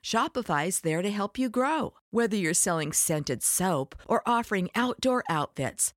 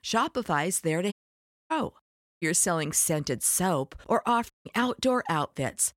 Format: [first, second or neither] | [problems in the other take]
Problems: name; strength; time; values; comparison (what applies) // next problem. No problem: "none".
first | audio cutting out; at 1 s for 0.5 s, at 2 s and at 4.5 s